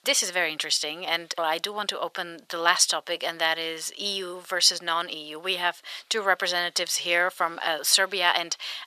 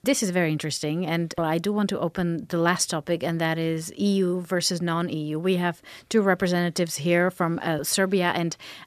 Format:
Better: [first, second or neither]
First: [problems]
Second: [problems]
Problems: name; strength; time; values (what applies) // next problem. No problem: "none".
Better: second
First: thin; very; fading below 850 Hz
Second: none